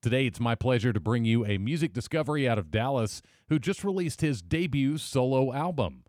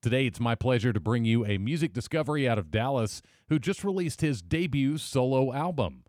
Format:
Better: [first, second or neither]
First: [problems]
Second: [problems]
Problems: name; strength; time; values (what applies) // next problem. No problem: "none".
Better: neither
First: none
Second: none